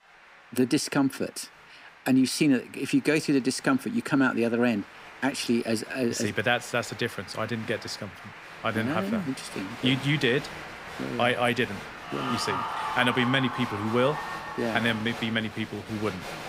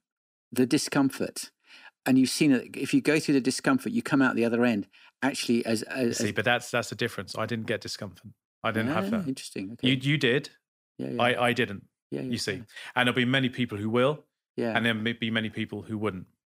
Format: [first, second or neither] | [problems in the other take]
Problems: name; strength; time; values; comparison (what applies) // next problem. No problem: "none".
second | crowd noise; noticeable; throughout; 10 dB below the speech